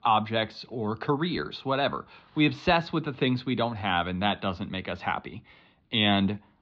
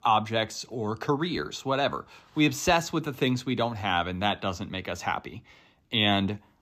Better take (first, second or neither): second